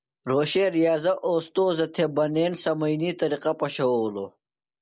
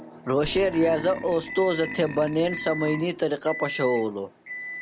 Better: first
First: none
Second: background sound (Burping, eructation + Microwave oven); 11 dB below the speech

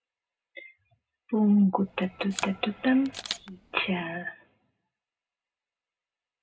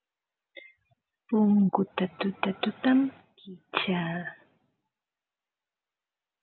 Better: second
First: background sound (Camera); 13 dB below the speech // room echo; dies away in 0.2 s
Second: none

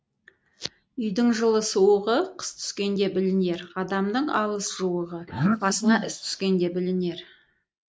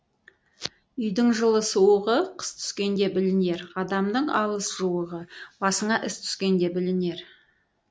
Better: second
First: noise reduction (neural mask model Resemble Enhance denoiser)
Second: none

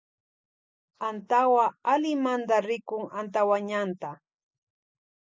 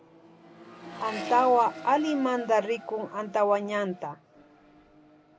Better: first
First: none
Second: background sound (Accelerating, revving, vroom); 14 dB below the speech

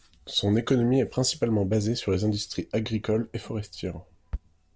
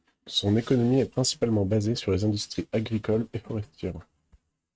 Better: first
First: none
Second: noise reduction (neural mask model RNNoise)

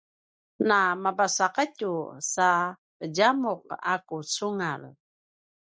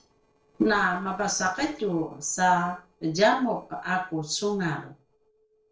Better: first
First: none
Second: noise reduction (neural separator model SepFormer DNS4)

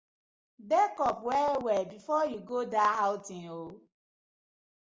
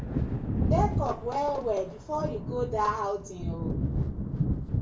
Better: first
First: none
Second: background sound (Thunder / Wind); 2 dB above the speech // room echo; dies away in 0.2 s

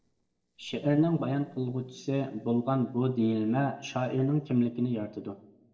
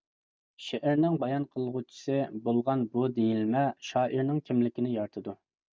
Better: second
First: noise reduction (neural separator model SepFormer DNS4)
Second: none

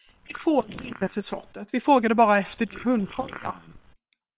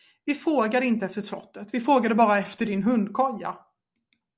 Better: second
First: noise reduction (neural separator model SepFormer WHAM!)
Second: none

